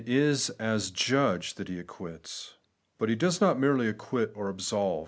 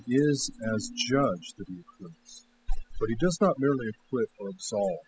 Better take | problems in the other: first | noise reduction (classical method spectral subtraction)

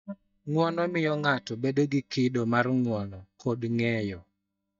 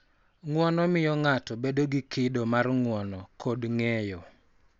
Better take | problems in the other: second | noise reduction (neural mask model DeepFilterNet 3)

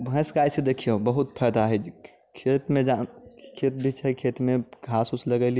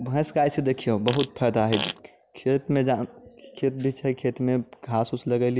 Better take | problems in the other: first | background sound (Fart); 9 dB below the speech

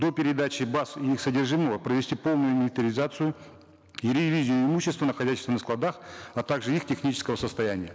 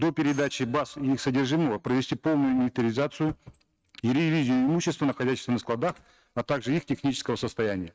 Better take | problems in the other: first | noise reduction (neural mask model RNNoise)

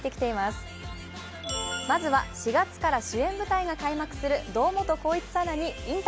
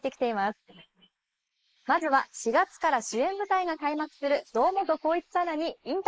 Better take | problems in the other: first | noise reduction (neural mask model Resemble Enhance denoiser)

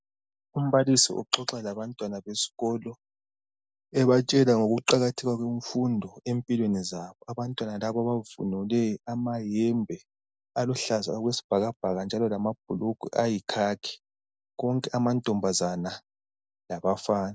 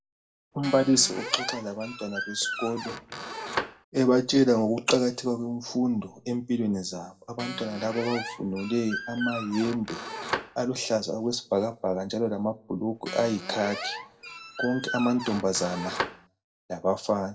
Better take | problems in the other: first | background sound (Squeak); 8 dB below the speech // room echo; dies away in 0.3 s

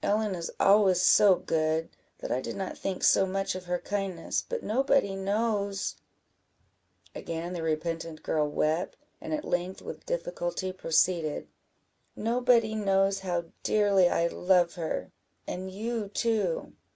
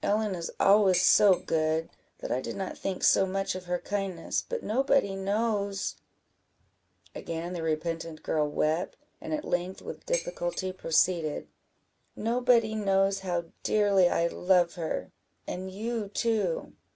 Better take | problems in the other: first | background sound (Dishes, pots, and pans); 14 dB below the speech

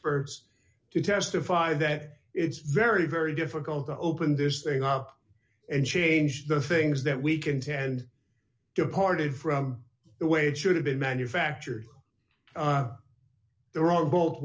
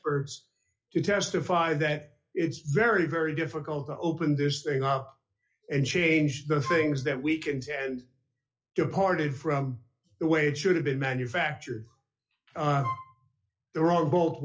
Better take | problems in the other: first | noise reduction (classical method log-MMSE)

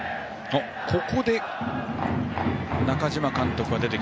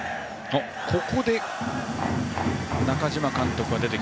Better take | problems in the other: first | background sound (Drill); 16 dB below the speech

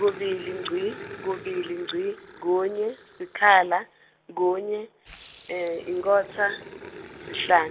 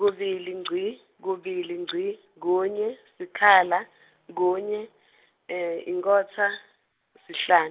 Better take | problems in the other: second | background sound (Growling); 17 dB below the speech

